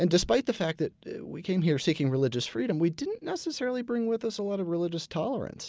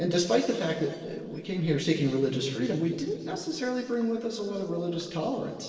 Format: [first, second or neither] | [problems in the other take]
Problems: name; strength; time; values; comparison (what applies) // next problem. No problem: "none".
first | noise reduction (neural separator model SepFormer DNS4)